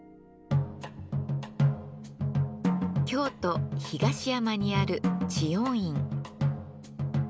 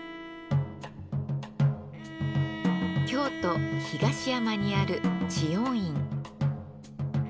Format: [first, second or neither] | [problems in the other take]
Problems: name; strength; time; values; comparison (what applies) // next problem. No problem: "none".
first | background sound (Bowed string instrument); 11 dB below the speech